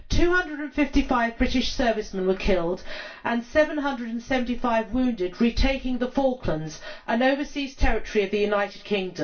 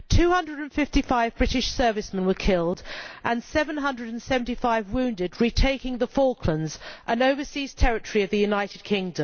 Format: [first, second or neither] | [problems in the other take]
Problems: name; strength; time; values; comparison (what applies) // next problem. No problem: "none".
second | room echo; dies away in 0.2 s